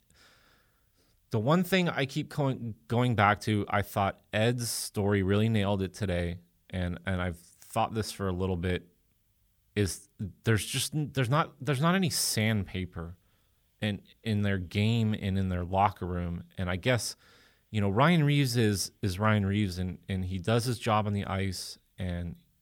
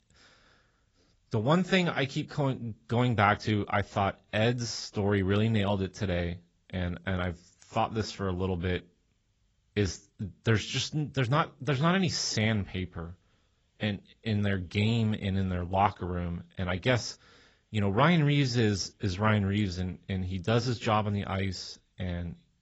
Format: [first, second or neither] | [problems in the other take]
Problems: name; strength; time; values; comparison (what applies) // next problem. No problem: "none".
first | garbled, watery; badly; nothing above 7.5 kHz